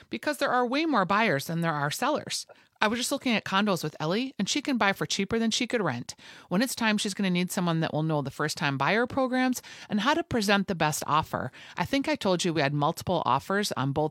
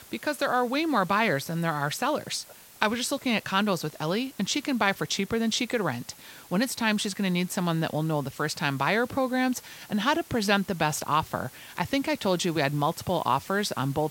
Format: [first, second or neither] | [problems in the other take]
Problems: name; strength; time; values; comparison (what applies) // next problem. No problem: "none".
first | hiss; faint; throughout; 20 dB below the speech